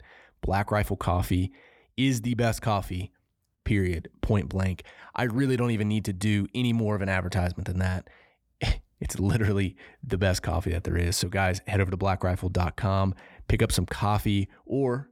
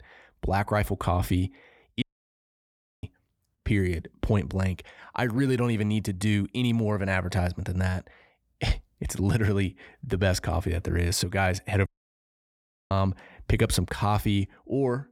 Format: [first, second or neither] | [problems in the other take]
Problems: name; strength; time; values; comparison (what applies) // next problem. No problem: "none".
first | audio cutting out; at 2 s for 1 s and at 12 s for 1 s